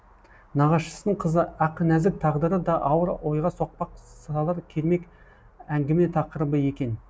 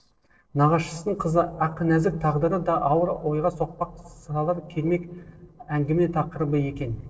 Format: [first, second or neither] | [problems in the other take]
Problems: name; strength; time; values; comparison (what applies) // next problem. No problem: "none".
first | noise reduction (neural separator model SepFormer DNS4)